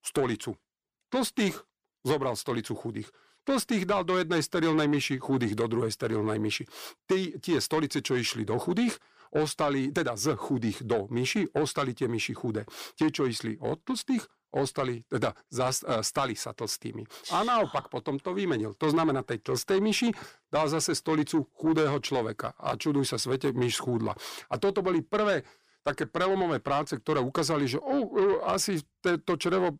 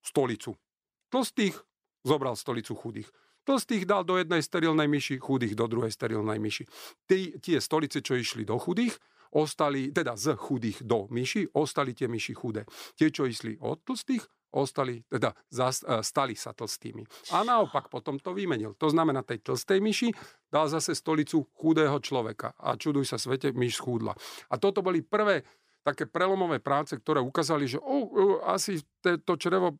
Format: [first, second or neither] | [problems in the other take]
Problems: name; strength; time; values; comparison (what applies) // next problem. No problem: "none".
second | distortion; slight; 10 dB below the speech